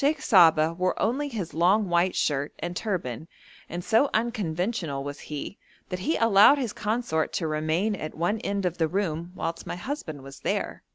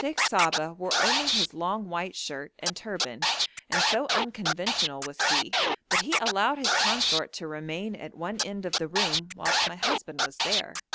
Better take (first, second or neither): first